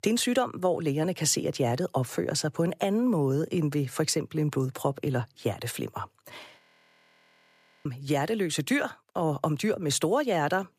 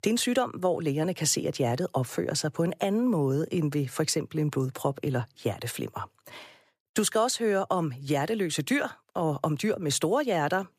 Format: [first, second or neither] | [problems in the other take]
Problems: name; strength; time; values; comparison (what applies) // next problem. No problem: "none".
second | audio freezing; at 6.5 s for 1.5 s